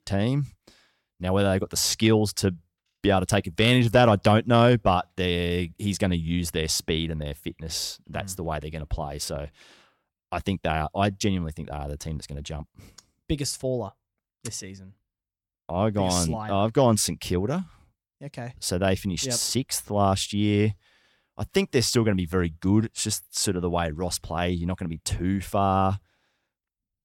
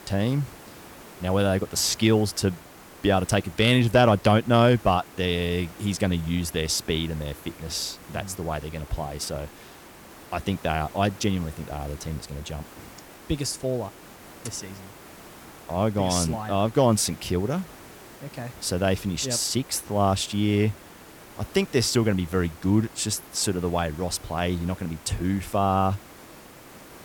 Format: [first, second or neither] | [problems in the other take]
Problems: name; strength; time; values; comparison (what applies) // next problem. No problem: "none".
first | hiss; noticeable; throughout; 20 dB below the speech